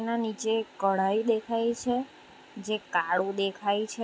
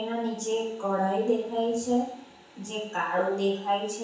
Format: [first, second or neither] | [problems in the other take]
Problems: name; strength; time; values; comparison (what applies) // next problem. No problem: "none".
first | room echo; dies away in 0.7 s